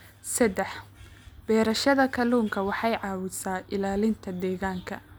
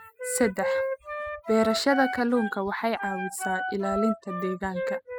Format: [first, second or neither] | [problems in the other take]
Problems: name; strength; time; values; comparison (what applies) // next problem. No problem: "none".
first | noise reduction (classical method spectral subtraction)